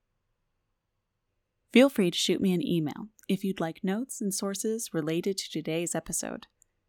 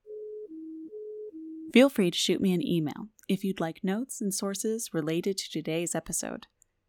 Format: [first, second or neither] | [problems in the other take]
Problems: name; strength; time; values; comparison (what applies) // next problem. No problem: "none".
first | siren; faint; until 1.5 s; peak 15 dB below the speech